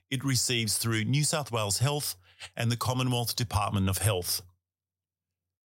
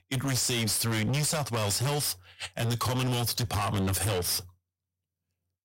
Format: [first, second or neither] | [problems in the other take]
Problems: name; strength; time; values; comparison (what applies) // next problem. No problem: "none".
first | distortion; heavy; 30% of the sound clipped